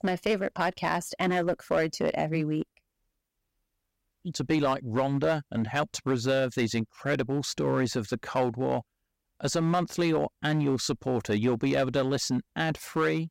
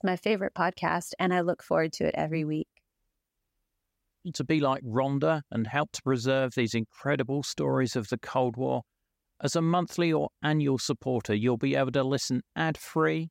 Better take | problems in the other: second | distortion; slight; 5% of the sound clipped

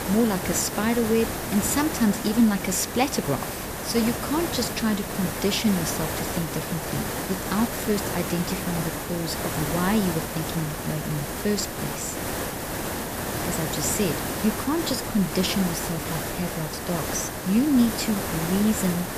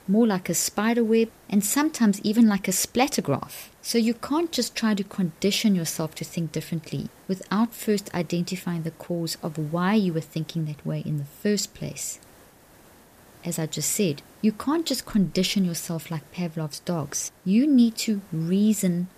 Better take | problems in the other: second | hiss; loud; throughout; 3 dB below the speech; faint in the second

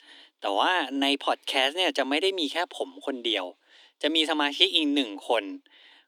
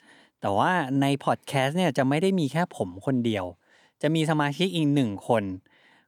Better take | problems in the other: second | thin; very slightly; fading below 300 Hz

